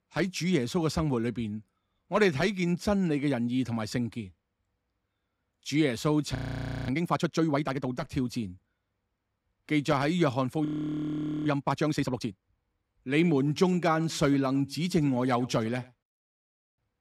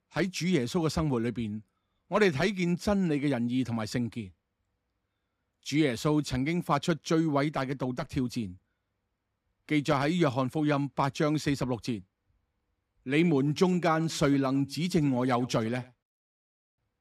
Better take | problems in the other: second | audio freezing; at 6.5 s for 0.5 s and at 11 s for 1 s

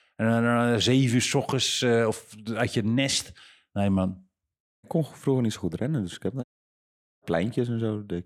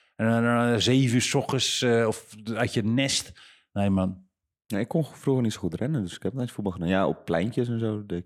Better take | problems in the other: second | audio cutting out; at 4.5 s and at 6.5 s for 1 s

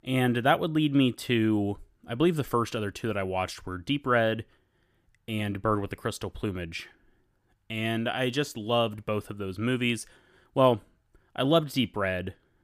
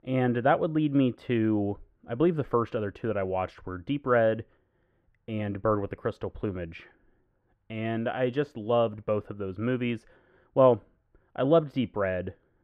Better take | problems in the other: first | muffled; very; fading above 4 kHz

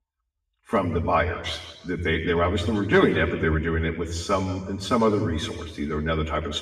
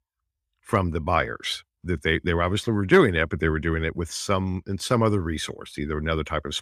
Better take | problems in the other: second | room echo; noticeable; dies away in 1.2 s // off-mic speech; far

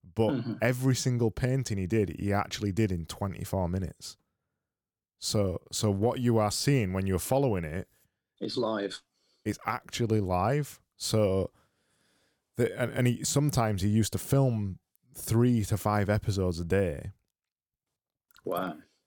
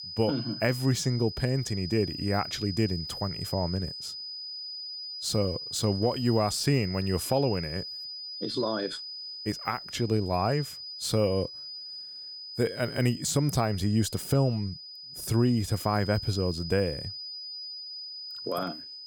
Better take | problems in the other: first | high-pitched whine; loud; throughout; 5 kHz, 8 dB below the speech

